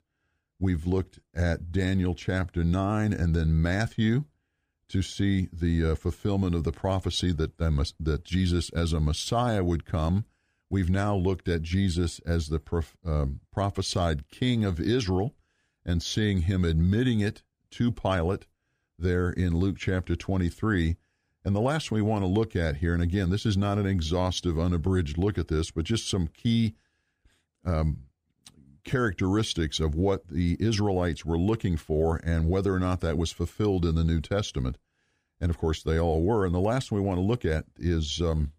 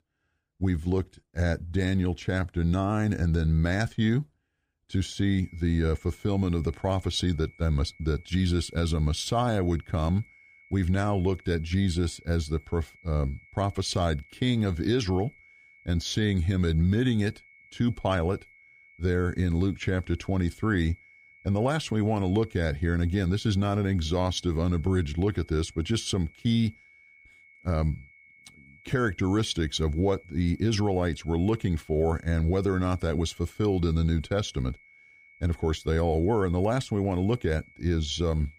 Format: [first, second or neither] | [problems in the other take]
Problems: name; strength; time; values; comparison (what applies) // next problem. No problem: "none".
first | high-pitched whine; faint; from 5.5 s on; 2 kHz, 25 dB below the speech